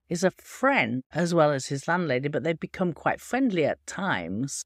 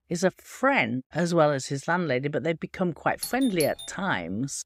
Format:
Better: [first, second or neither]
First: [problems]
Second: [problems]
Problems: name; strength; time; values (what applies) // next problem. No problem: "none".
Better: first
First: none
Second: doorbell; noticeable; at 3 s; peak 7 dB below the speech